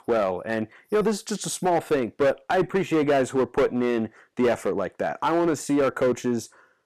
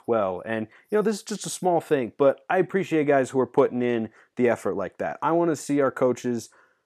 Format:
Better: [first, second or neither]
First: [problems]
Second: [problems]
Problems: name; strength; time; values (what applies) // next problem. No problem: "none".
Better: second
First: distortion; slight; 8% of the sound clipped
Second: none